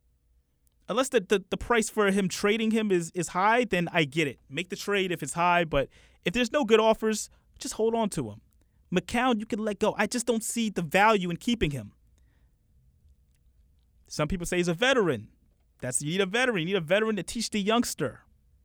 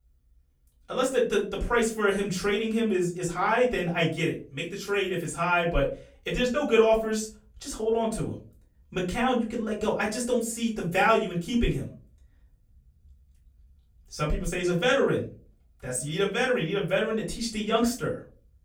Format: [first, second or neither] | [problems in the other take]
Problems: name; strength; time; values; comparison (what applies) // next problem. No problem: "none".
first | off-mic speech; far // room echo; slight; dies away in 0.3 s